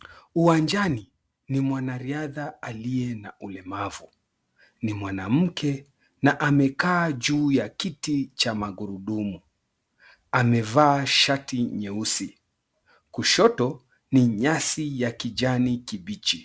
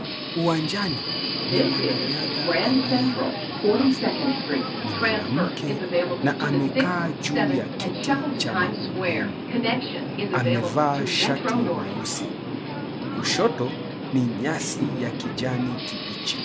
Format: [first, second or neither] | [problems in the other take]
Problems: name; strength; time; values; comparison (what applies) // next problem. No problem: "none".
first | background sound (Subway, metro, underground); 3 dB above the speech